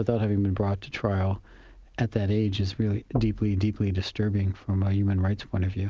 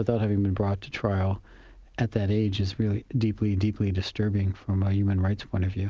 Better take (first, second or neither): second